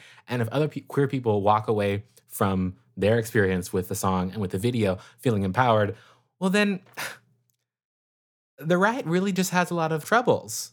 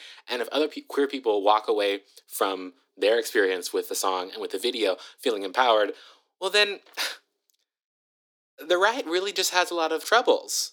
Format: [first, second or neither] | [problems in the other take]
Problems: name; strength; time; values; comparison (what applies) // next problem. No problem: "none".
first | thin; somewhat; fading below 300 Hz